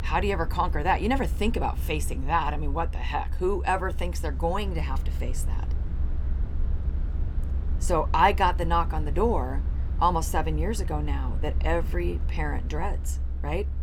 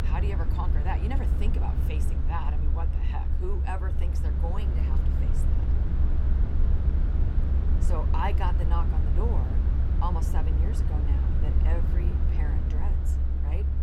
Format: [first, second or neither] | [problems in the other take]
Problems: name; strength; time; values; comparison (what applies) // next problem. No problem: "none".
first | low rumble; loud; throughout; 4 dB below the speech; faint in the first